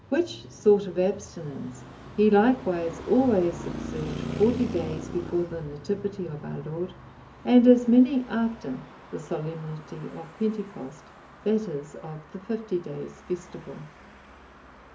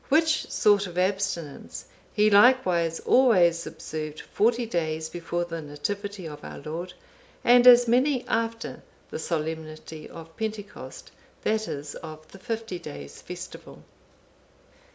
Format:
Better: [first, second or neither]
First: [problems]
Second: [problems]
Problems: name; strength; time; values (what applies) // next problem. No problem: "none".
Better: second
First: background sound (Traffic noise, roadway noise); 14 dB below the speech // room echo; dies away in 0.3 s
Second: none